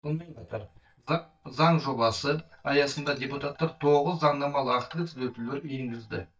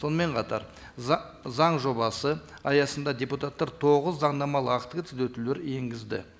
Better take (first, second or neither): second